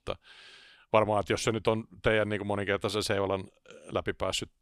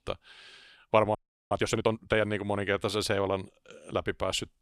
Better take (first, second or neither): first